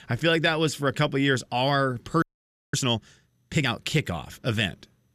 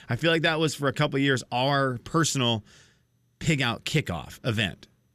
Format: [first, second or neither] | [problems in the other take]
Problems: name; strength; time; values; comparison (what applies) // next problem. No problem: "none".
second | audio freezing; at 2 s for 0.5 s